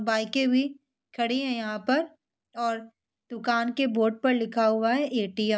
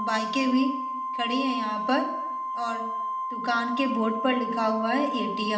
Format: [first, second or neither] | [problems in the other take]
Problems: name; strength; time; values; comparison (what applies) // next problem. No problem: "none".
first | background sound (Organ); 3 dB below the speech // room echo; dies away in 0.9 s